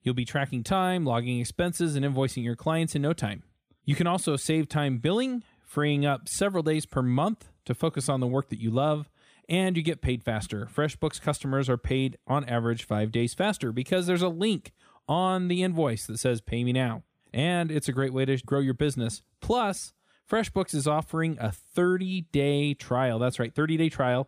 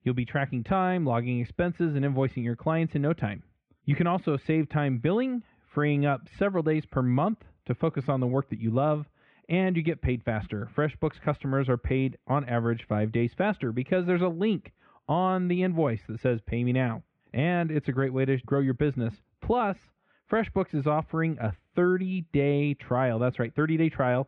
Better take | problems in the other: first | muffled; very; fading above 2.5 kHz

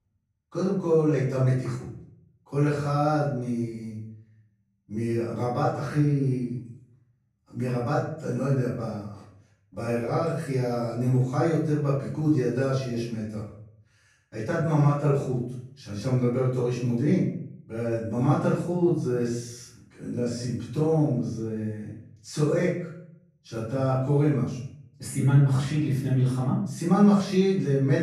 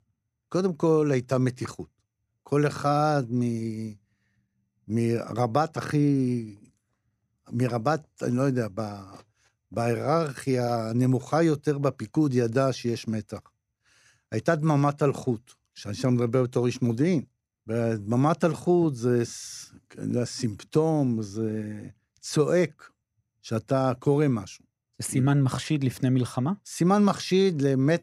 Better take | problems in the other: second | off-mic speech; far // room echo; noticeable; dies away in 0.6 s

